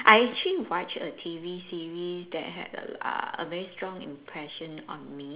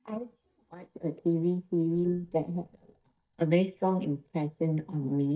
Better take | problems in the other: first | noise reduction (neural mask model DeepFilterNet 3)

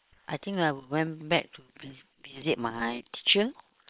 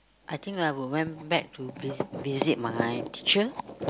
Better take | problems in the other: second | noise reduction (neural separator model SepFormer WHAM!)

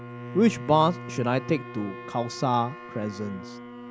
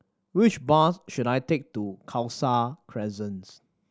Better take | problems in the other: second | background sound (Wind instrument, woodwind instrument + Bowed string instrument); 12 dB below the speech

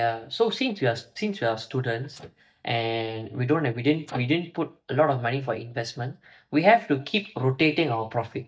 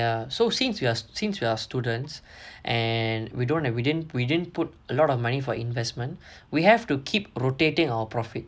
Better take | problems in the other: second | noise reduction (neural mask model DeepFilterNet 3)

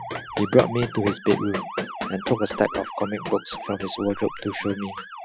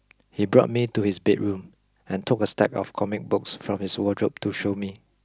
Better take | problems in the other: second | noise reduction (classical method Wiener filter)

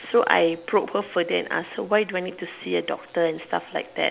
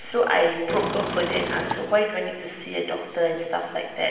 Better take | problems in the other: first | background sound (Engine / Car); 5 dB below the speech // room echo; dies away in 1.2 s

